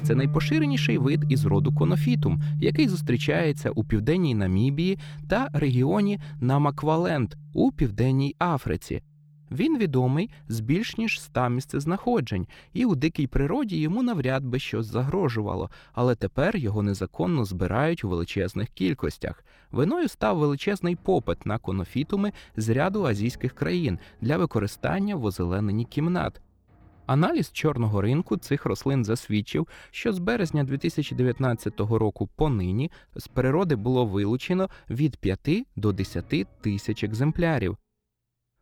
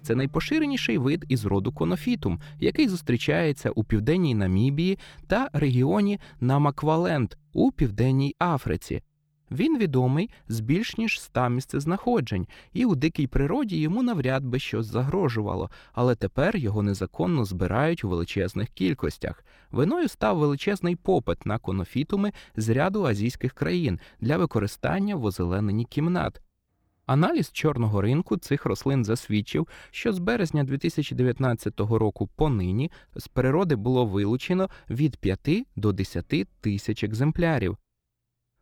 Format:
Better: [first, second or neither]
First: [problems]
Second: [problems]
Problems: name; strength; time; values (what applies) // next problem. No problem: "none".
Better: second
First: background music; loud; throughout; 4 dB below the speech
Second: background music; faint; throughout; 20 dB below the speech